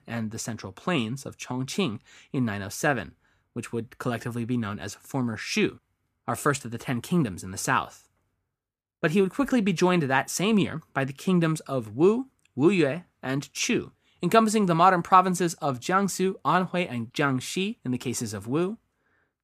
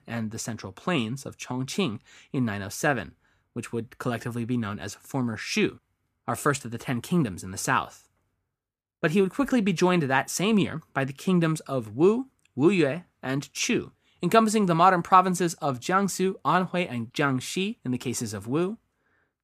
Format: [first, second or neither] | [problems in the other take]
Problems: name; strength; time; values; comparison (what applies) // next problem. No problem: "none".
neither | none